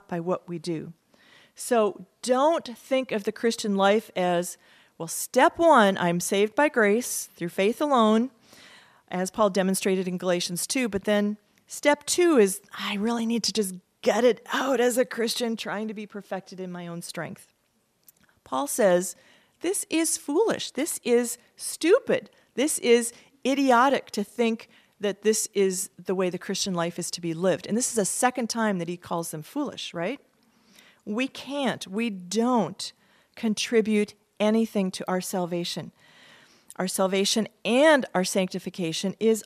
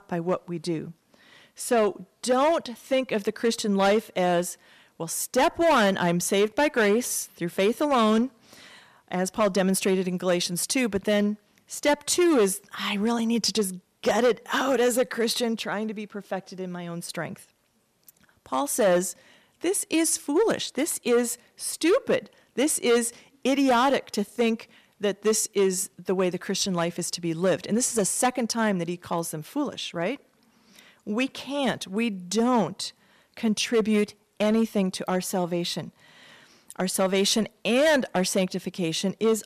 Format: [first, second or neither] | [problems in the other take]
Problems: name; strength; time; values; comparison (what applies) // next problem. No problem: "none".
first | distortion; slight; 4% of the sound clipped